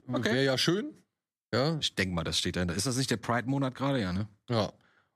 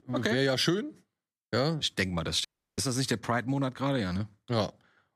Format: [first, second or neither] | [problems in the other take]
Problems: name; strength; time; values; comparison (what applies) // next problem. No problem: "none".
first | audio cutting out; at 2.5 s